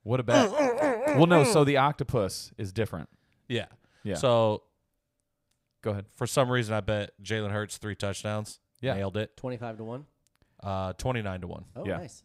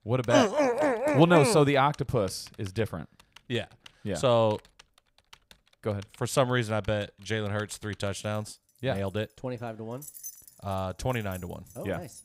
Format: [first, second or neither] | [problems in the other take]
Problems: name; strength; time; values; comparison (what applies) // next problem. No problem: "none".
first | household noises; faint; throughout; 25 dB below the speech